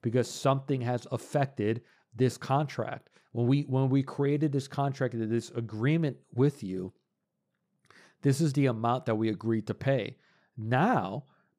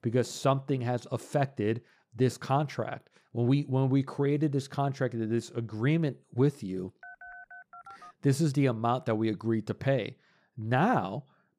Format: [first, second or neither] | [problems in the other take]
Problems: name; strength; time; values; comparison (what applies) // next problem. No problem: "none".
first | phone ringing; faint; from 7 to 8 s; peak 15 dB below the speech